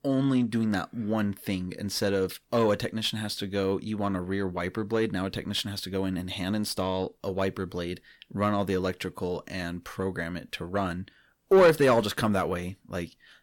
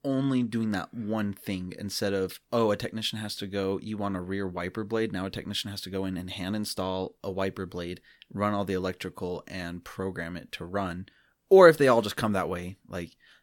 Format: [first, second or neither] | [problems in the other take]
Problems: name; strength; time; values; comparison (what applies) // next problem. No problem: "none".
second | distortion; slight; 10 dB below the speech